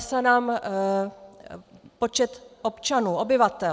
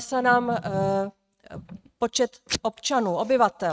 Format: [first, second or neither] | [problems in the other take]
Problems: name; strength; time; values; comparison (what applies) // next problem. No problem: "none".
first | noise reduction (neural mask model RNNoise)